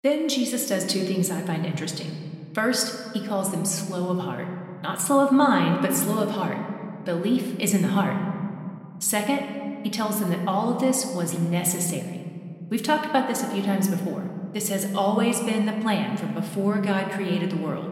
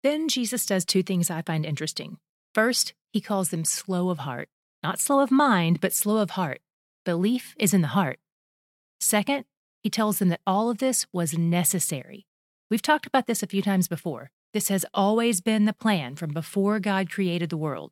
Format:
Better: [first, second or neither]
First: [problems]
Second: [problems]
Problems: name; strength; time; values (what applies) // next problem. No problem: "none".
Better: second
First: room echo; slight; dies away in 2 s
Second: none